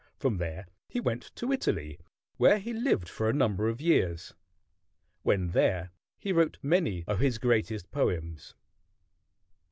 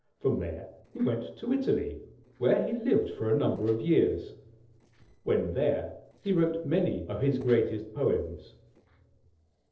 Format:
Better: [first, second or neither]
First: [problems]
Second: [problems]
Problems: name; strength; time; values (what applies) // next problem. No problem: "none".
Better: first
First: none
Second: noise reduction (neural separator model SepFormer DNS4)